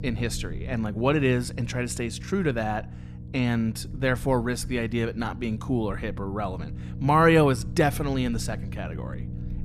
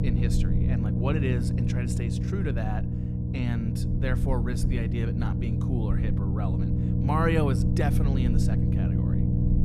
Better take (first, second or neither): first